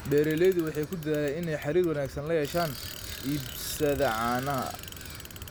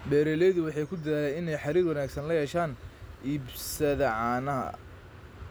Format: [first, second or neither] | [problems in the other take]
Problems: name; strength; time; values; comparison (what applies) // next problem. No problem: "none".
second | background sound (Bicycle); 13 dB below the speech